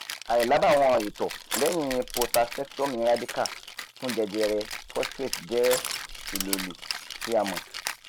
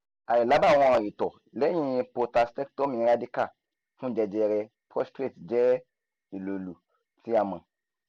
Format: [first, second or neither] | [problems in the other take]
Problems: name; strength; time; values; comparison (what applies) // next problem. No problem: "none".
second | background sound (Rattle (instrument) + Crushing); 8 dB below the speech